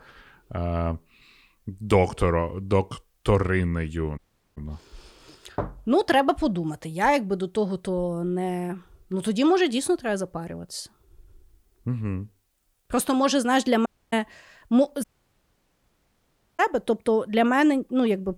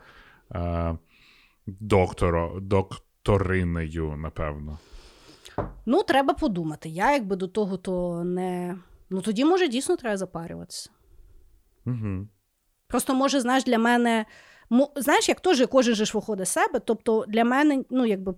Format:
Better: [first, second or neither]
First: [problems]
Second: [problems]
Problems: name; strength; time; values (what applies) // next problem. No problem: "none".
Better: second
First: audio cutting out; at 4 s, at 14 s and at 15 s for 1.5 s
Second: none